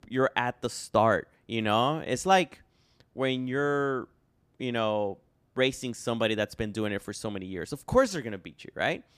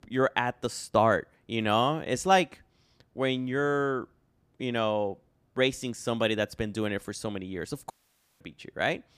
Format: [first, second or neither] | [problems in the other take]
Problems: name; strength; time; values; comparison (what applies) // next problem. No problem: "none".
first | audio cutting out; at 8 s for 0.5 s